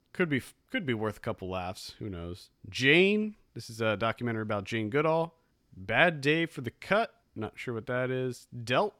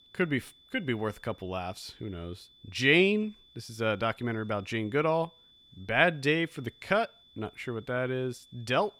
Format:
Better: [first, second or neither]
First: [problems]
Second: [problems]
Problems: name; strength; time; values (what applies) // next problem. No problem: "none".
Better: first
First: none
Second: high-pitched whine; faint; throughout; 3.5 kHz, 25 dB below the speech